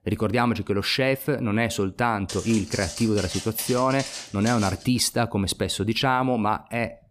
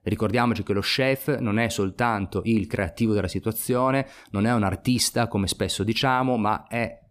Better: second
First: footsteps; noticeable; from 2.5 to 5 s; peak 8 dB below the speech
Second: none

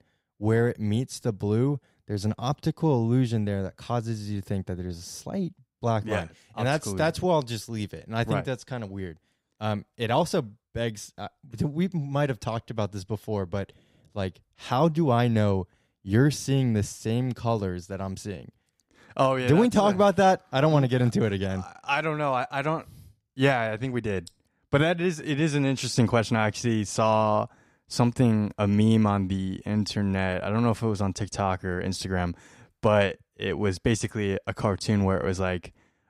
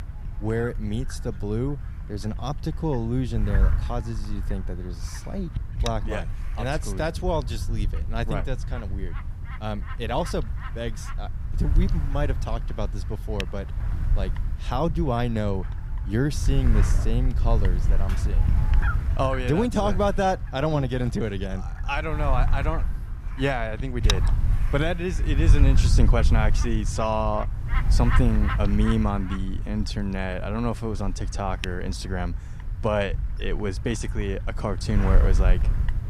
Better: first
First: none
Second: wind noise on the microphone; heavy; 9 dB below the speech

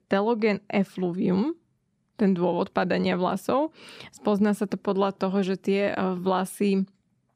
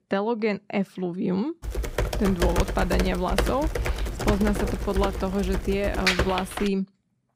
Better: first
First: none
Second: keyboard typing; loud; from 1.5 to 6.5 s; peak 4 dB above the speech

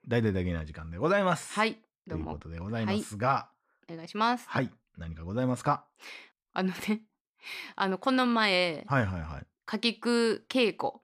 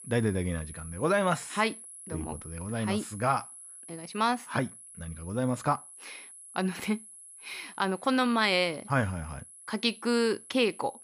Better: first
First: none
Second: high-pitched whine; noticeable; throughout; 10.5 kHz, 15 dB below the speech

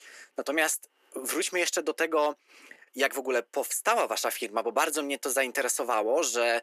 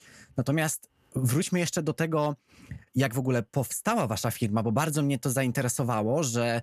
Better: second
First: thin; very; fading below 350 Hz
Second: none

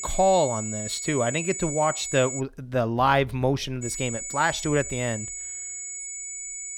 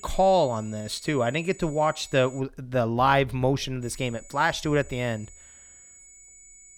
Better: second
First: high-pitched whine; loud; until 2.5 s and from 4 s on; 7 kHz, 6 dB below the speech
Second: high-pitched whine; faint; until 2.5 s and from 4 s on; 7 kHz, 20 dB below the speech

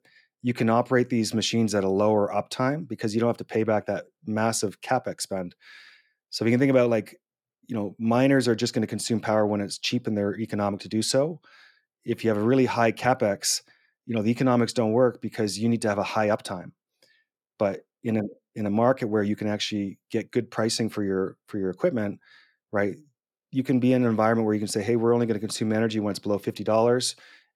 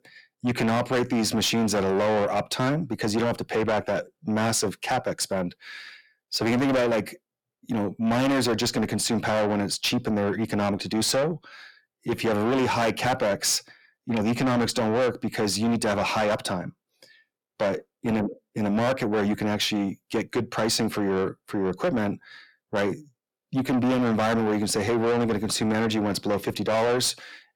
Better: first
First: none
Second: distortion; heavy; 6 dB below the speech

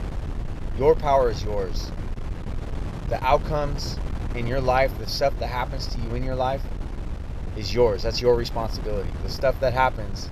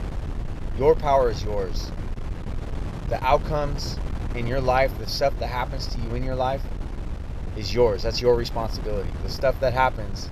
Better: neither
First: wind noise on the microphone; occasional gusts; 15 dB below the speech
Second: wind noise on the microphone; occasional gusts; 15 dB below the speech

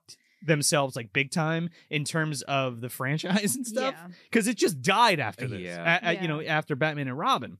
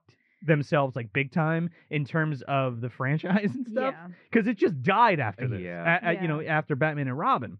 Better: first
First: none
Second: muffled; very; fading above 2 kHz

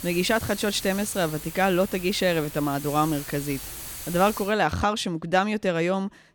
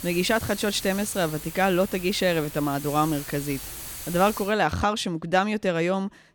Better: neither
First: hiss; noticeable; until 4.5 s; 10 dB below the speech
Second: hiss; noticeable; until 4.5 s; 10 dB below the speech

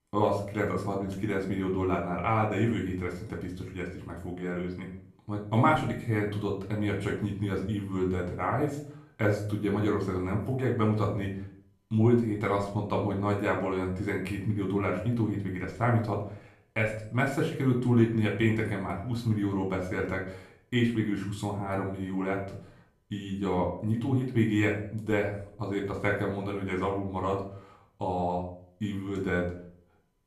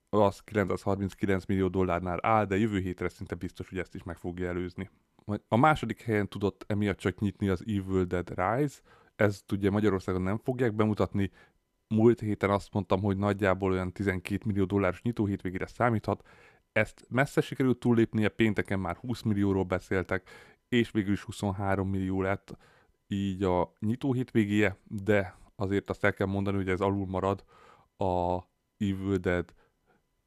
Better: second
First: room echo; slight; dies away in 0.5 s // off-mic speech; far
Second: none

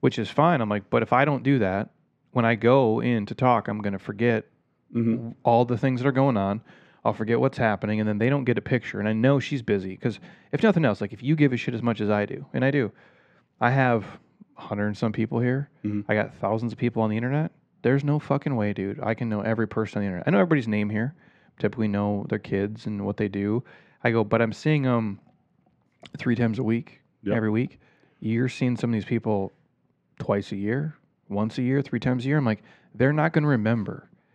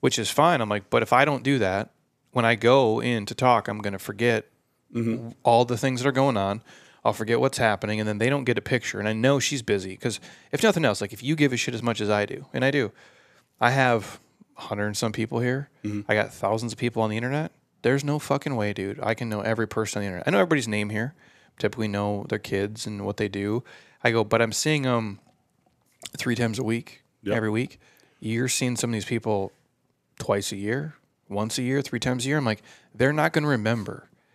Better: second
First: muffled; slightly; fading above 2.5 kHz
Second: none

